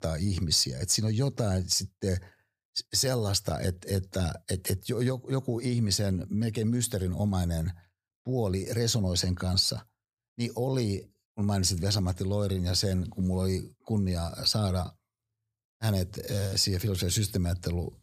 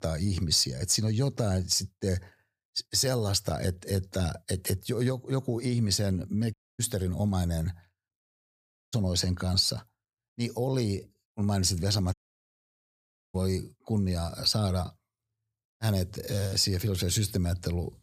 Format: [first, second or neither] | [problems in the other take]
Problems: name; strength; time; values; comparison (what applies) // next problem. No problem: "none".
first | audio cutting out; at 6.5 s, at 8 s for 0.5 s and at 12 s for 1 s